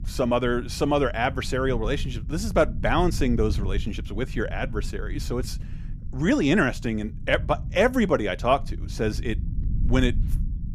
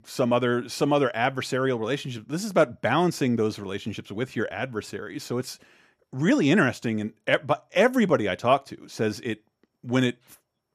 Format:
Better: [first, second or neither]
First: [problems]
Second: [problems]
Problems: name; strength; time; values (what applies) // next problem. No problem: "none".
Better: second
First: low rumble; faint; throughout; 20 dB below the speech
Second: none